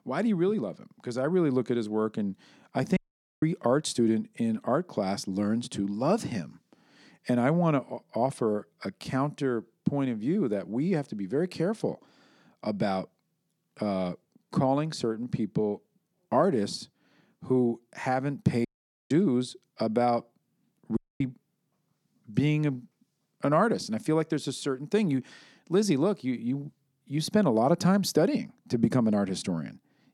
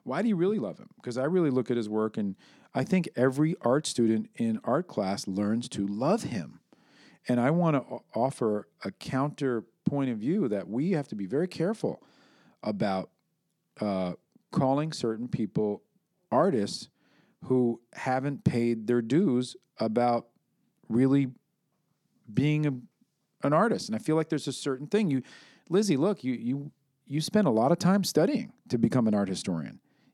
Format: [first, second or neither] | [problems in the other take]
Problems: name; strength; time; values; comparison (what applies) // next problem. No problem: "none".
second | audio cutting out; at 3 s, at 19 s and at 21 s